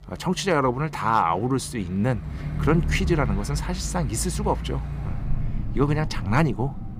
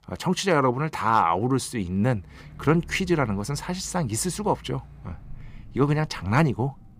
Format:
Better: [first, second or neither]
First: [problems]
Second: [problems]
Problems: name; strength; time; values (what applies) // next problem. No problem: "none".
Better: second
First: traffic noise; loud; throughout; 7 dB below the speech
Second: traffic noise; faint; throughout; 20 dB below the speech